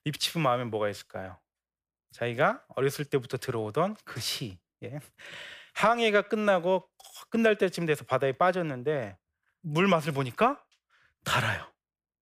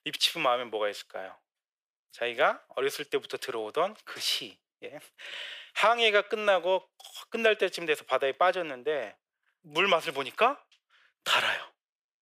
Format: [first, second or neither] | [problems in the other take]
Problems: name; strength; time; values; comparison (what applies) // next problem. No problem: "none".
first | thin; somewhat; fading below 450 Hz